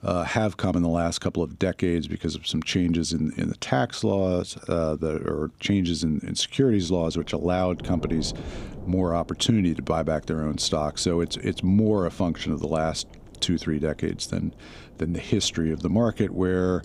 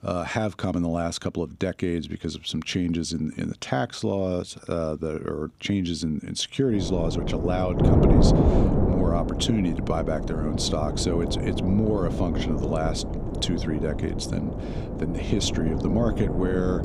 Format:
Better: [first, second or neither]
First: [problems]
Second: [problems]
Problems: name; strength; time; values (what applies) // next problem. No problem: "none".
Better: first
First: wind noise on the microphone; occasional gusts; from 7 s on; 20 dB below the speech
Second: wind noise on the microphone; heavy; from 7 s on; 2 dB below the speech